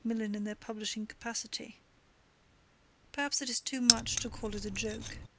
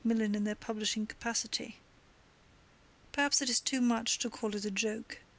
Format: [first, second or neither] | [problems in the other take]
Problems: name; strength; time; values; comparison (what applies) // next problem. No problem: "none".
second | background sound (Keys jangling); 5 dB above the speech